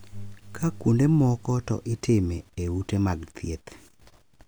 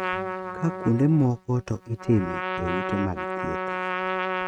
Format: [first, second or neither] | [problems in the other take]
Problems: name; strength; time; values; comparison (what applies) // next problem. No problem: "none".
first | noise reduction (neural mask model RNNoise)